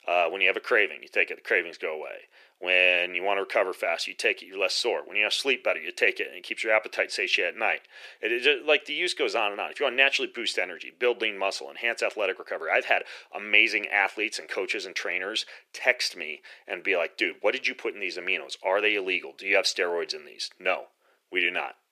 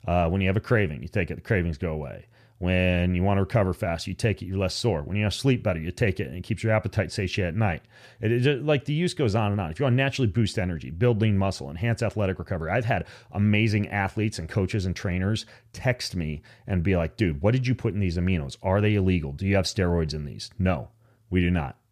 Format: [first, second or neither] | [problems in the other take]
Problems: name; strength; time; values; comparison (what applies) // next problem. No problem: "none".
second | thin; very; fading below 350 Hz